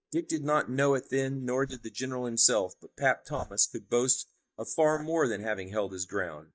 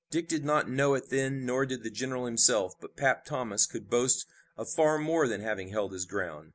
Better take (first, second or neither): second